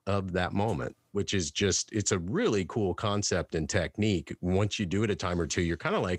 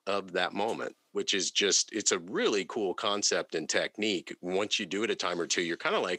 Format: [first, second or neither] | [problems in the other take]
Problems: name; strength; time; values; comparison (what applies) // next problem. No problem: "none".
first | thin; somewhat; fading below 250 Hz